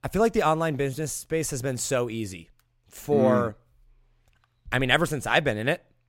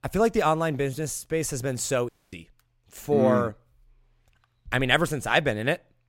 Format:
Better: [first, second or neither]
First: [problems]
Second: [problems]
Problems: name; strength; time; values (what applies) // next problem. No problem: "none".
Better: first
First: none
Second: audio cutting out; at 2 s